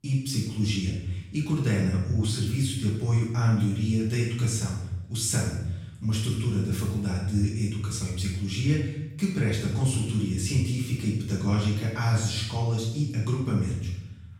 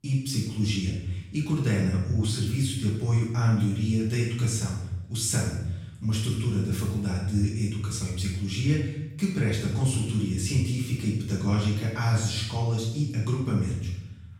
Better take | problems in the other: neither | room echo; noticeable; dies away in 0.8 s; the same in both // off-mic speech; far; the same in both

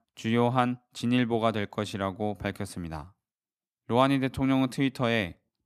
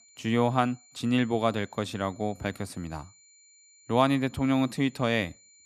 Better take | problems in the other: first | high-pitched whine; faint; throughout; 7 kHz, 25 dB below the speech

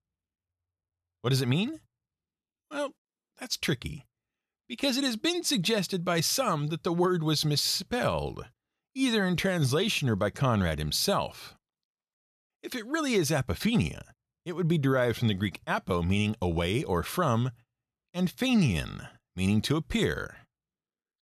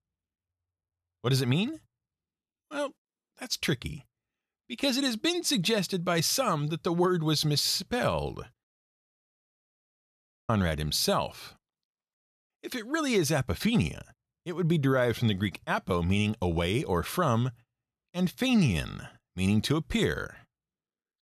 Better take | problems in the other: first | audio cutting out; at 8.5 s for 2 s

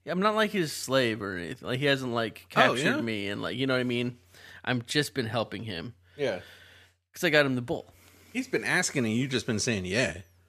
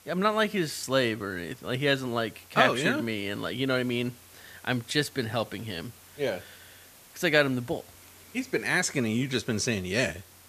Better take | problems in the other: first | hiss; faint; throughout; 25 dB below the speech

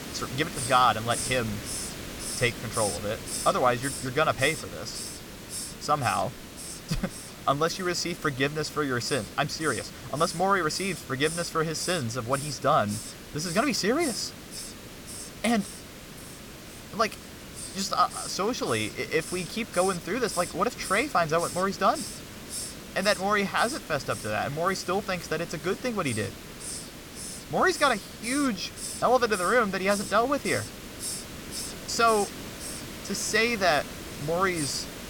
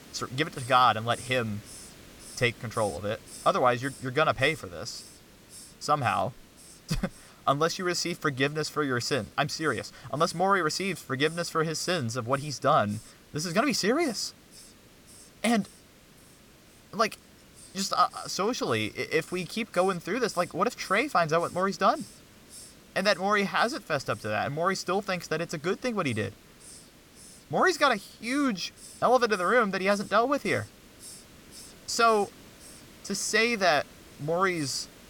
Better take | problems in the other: second | hiss; loud; throughout; 9 dB below the speech; faint in the second

